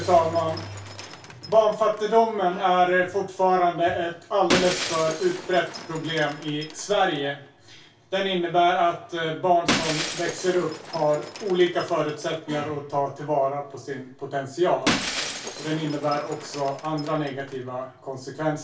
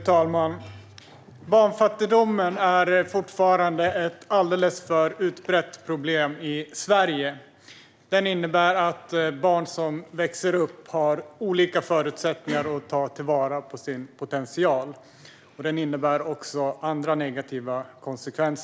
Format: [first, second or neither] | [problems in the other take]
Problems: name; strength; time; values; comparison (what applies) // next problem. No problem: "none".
second | background sound (Shatter); 10 dB below the speech // room echo; dies away in 0.2 s